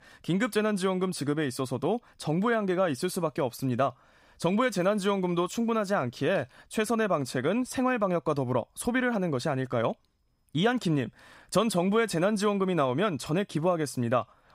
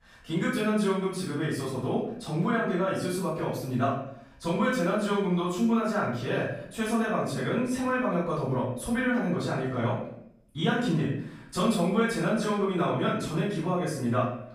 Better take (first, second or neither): first